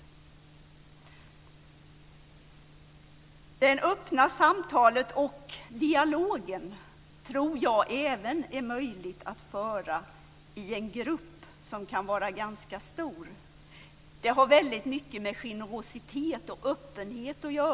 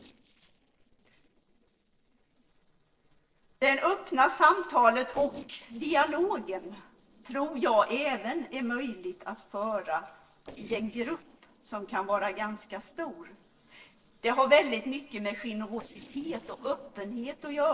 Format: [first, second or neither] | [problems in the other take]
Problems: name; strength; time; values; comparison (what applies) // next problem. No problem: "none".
first | noise reduction (neural separator model SepFormer DNS4)